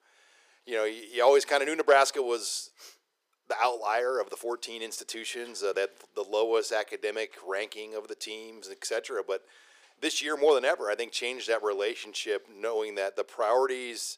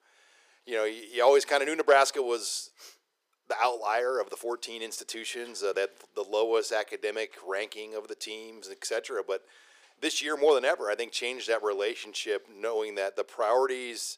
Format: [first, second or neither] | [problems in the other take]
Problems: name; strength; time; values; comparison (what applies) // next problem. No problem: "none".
neither | thin; very; fading below 400 Hz; the same in both